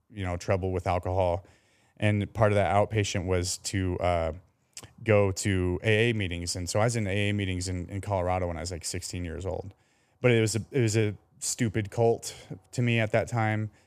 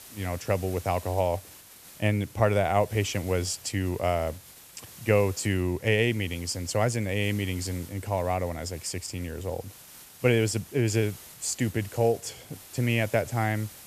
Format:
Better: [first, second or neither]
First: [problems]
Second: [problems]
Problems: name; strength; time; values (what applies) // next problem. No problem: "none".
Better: first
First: none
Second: hiss; noticeable; throughout; 20 dB below the speech